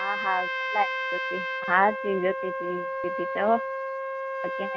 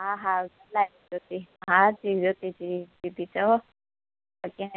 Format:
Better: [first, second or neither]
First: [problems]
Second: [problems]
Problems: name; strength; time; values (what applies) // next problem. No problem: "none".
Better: second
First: background sound (Trumpet); 2 dB below the speech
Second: none